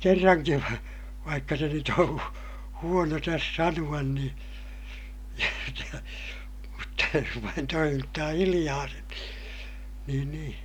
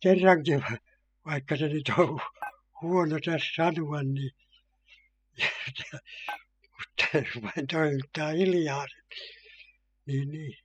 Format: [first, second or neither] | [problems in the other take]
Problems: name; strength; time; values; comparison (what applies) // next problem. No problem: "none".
first | noise reduction (classical method spectral subtraction)